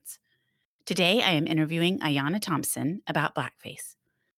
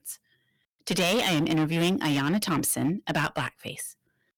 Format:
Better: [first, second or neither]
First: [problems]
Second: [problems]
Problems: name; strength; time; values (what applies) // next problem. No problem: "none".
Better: first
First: none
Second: distortion; heavy; 10% of the sound clipped